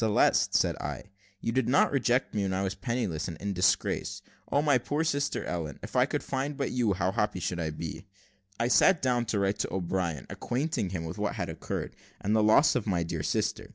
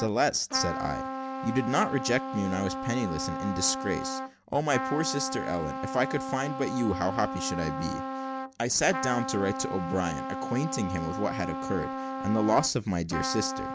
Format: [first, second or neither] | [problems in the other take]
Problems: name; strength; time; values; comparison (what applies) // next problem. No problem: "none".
first | background sound (Trumpet); 5 dB below the speech